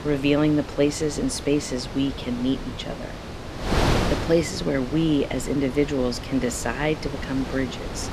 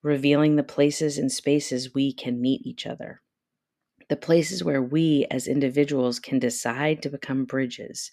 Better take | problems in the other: second | wind noise on the microphone; heavy; 6 dB below the speech

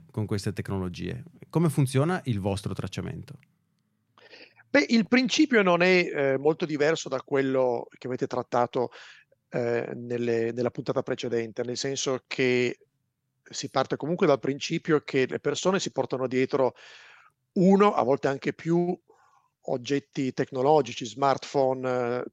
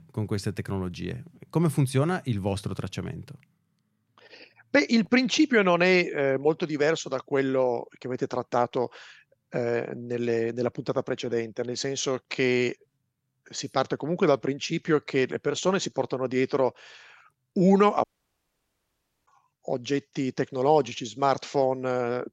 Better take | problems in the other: first | audio cutting out; at 18 s for 1 s

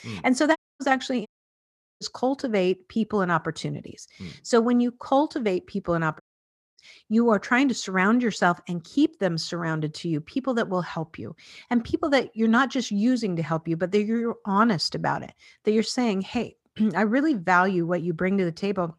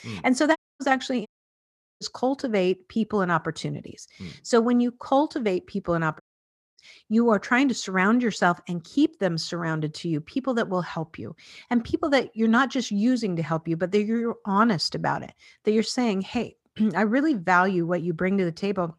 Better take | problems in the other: neither | audio cutting out; at 0.5 s, at 1.5 s for 0.5 s and at 6 s for 0.5 s; the same in both

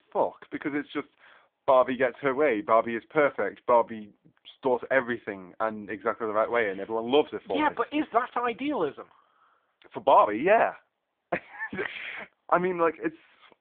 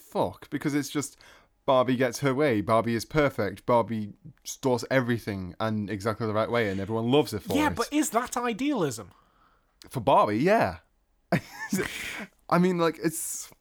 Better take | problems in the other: second | phone-call audio; poor line

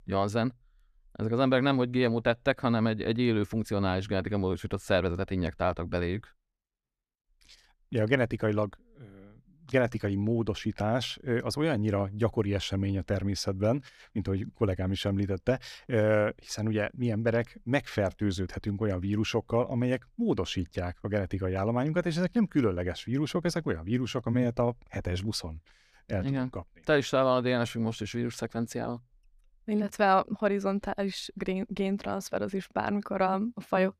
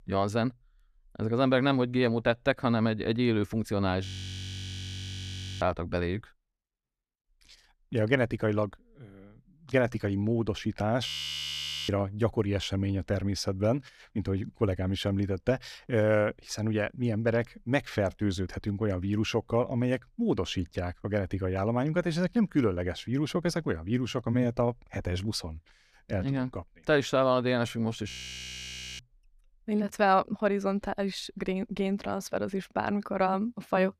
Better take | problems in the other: first | audio freezing; at 4 s for 1.5 s, at 11 s for 1 s and at 28 s for 1 s

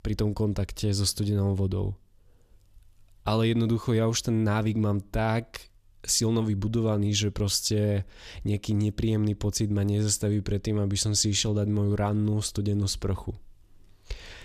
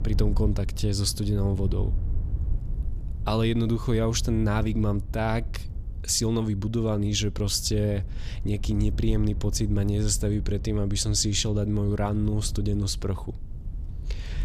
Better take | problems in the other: first | wind noise on the microphone; occasional gusts; 20 dB below the speech

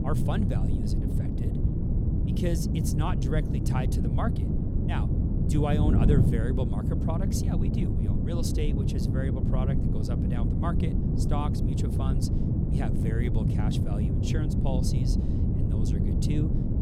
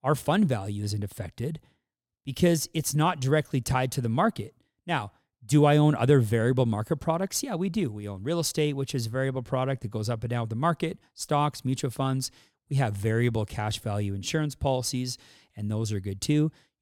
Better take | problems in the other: second | wind noise on the microphone; heavy; as loud as the speech

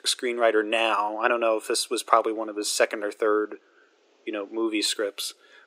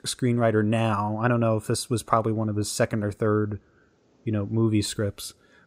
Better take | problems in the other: second | thin; very; fading below 350 Hz

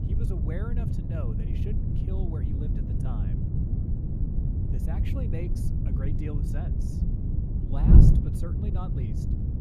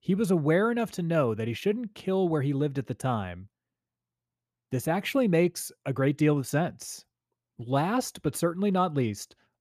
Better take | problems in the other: second | wind noise on the microphone; heavy; 5 dB above the speech

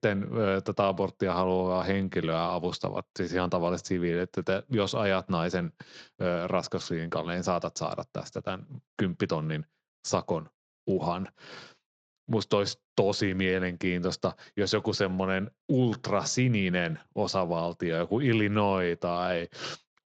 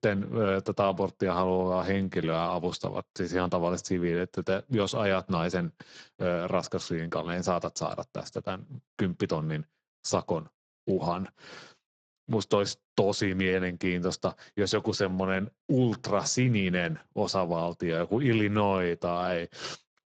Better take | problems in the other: first | garbled, watery; badly; nothing above 7.5 kHz; slightly in the first

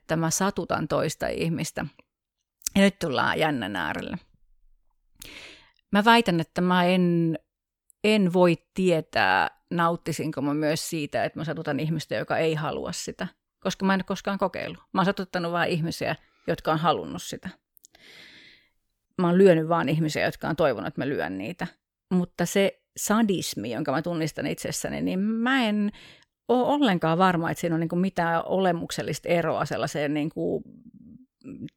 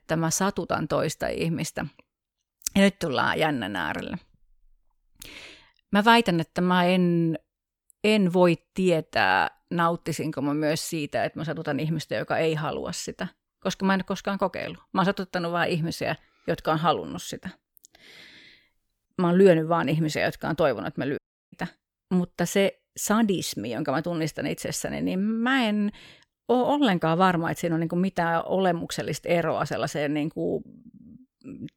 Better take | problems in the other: first | audio cutting out; at 21 s

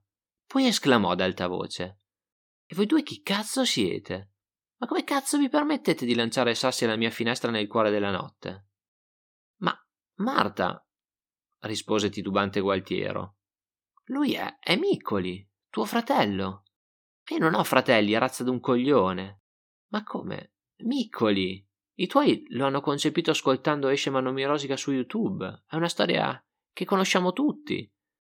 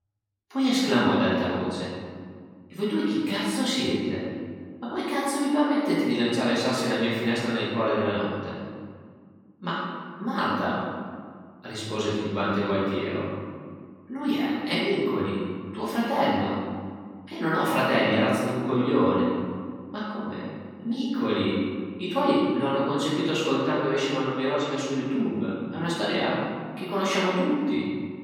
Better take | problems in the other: first | off-mic speech; far // room echo; strong; dies away in 1.8 s

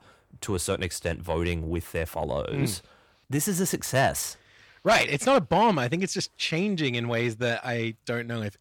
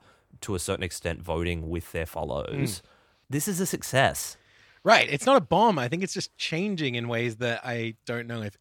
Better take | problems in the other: second | distortion; slight; 10 dB below the speech

